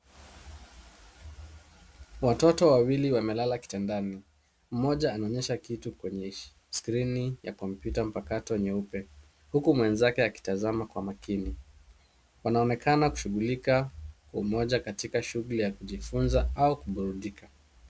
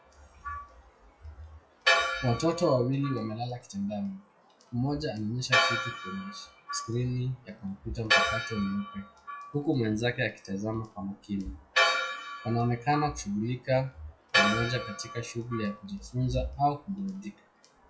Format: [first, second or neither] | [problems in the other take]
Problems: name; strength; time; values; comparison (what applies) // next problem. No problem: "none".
first | noise reduction (classical method WPE with log-MMSE)